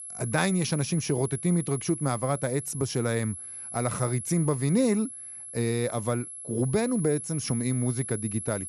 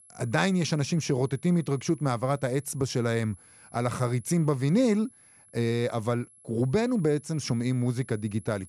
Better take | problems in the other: second | high-pitched whine; loud; throughout; 11 kHz, 8 dB below the speech; faint in the second

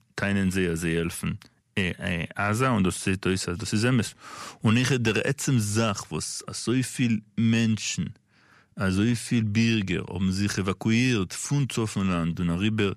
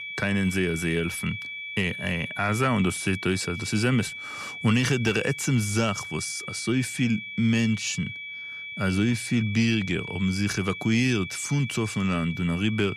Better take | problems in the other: first | high-pitched whine; loud; throughout; 2.5 kHz, 9 dB below the speech

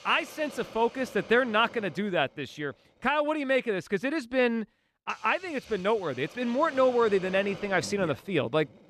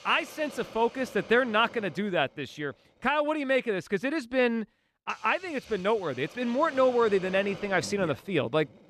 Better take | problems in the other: neither | hiss; noticeable; throughout; 20 dB below the speech; the same in both

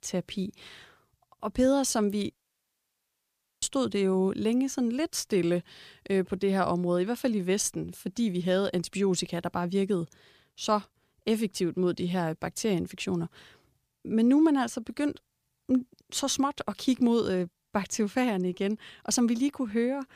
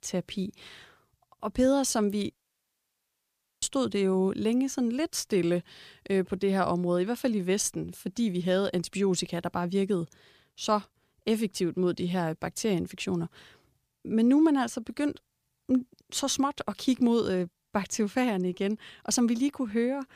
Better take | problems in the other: neither | audio cutting out; at 2.5 s for 1.5 s; the same in both

